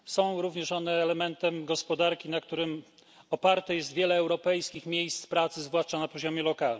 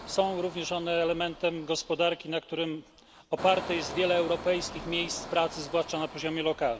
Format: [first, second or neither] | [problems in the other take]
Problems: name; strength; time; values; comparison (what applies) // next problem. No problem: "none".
first | background sound (Engine); 14 dB below the speech